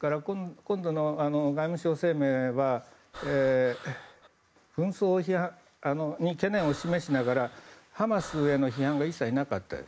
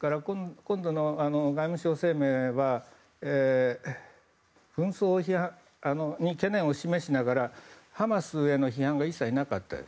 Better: second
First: background sound (Breathing); 17 dB below the speech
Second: none

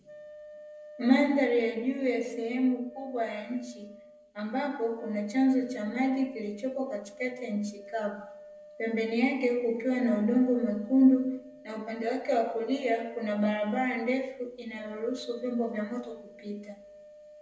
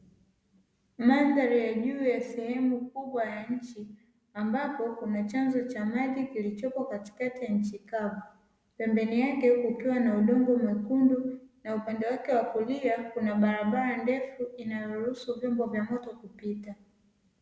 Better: second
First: background sound (Wind instrument, woodwind instrument); 19 dB below the speech // room echo; dies away in 0.2 s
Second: none

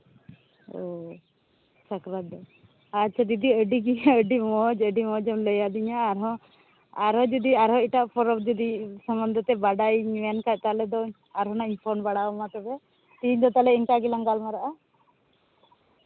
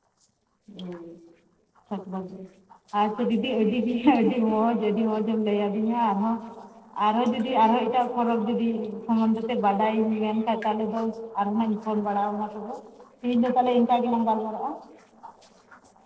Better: first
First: none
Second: noise reduction (neural separator model SepFormer DNS4)

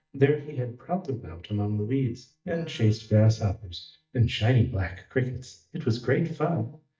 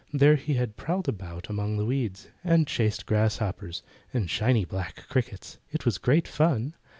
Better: second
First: noise reduction (neural mask model DeepFilterNet 3)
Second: none

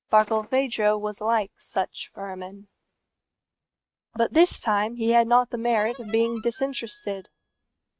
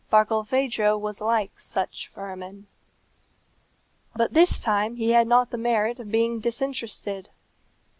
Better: second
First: noise reduction (neural mask model RNNoise)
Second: none

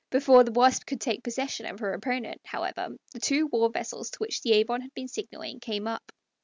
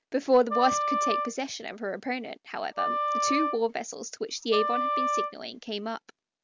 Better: first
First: none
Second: background sound (Wind instrument, woodwind instrument); as loud as the speech

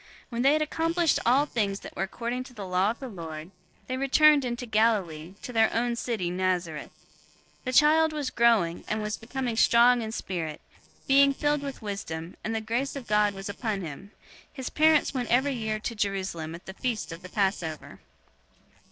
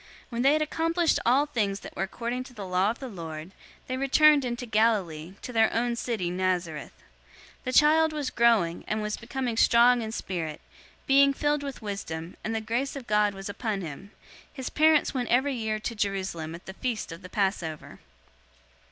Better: second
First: noise reduction (neural separator model SepFormer DNS4)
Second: none

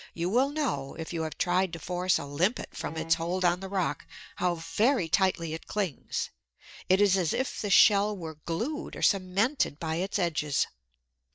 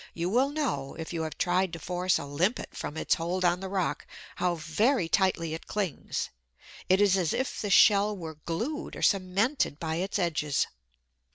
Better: second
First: noise reduction (neural mask model DeepFilterNet 3)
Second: none

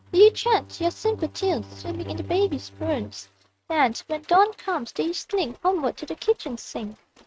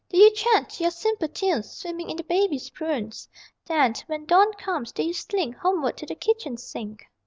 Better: second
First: noise reduction (neural mask model RNNoise)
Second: none

